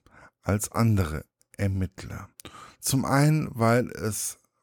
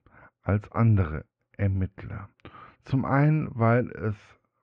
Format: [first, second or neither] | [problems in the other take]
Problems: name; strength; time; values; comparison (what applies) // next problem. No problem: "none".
first | muffled; very; fading above 2.5 kHz